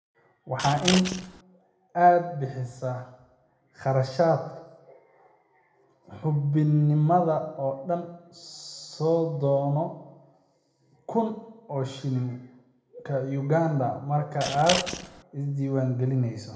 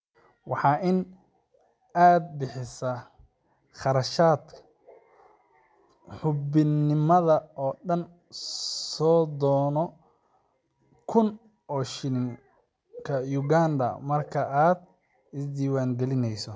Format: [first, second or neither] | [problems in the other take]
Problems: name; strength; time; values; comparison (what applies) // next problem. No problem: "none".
second | background sound (Scissors); 4 dB below the speech // room echo; dies away in 0.8 s